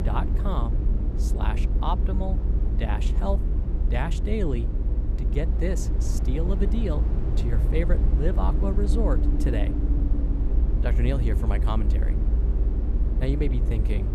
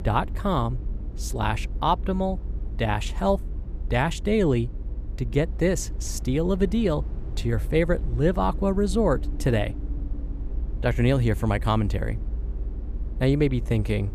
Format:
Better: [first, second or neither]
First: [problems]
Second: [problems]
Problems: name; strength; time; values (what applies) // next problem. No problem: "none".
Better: second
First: low rumble; loud; throughout; 5 dB below the speech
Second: low rumble; faint; throughout; 20 dB below the speech